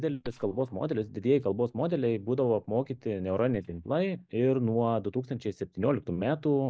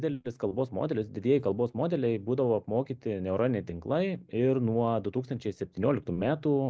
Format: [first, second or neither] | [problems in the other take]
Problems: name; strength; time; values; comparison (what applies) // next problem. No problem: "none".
second | noise reduction (neural mask model DeepFilterNet 3)